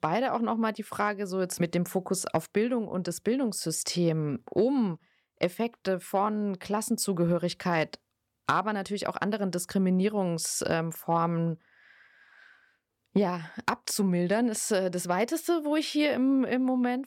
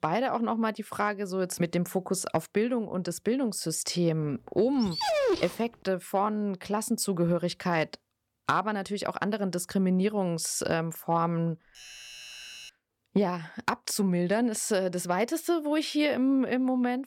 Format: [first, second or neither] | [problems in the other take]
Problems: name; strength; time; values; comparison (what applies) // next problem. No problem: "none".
first | dog barking; loud; at 5 s; peak 3 dB above the speech // doorbell; faint; from 12 to 13 s; peak 15 dB below the speech